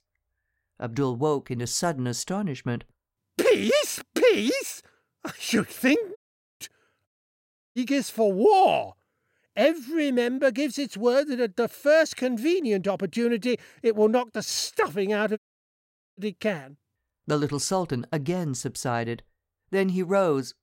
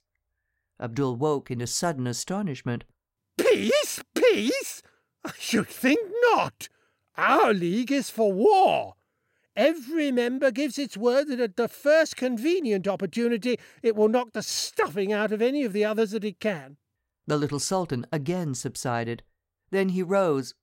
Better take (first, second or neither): second